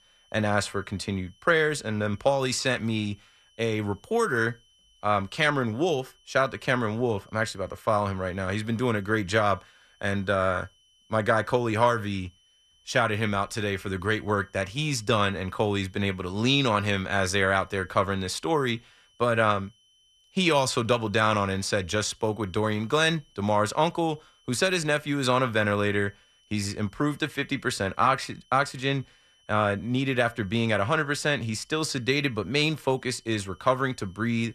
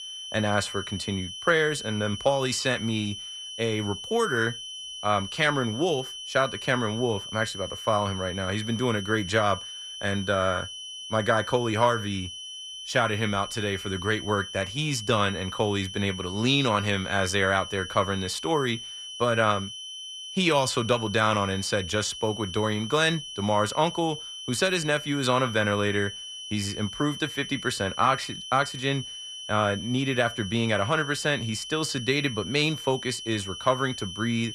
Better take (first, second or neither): first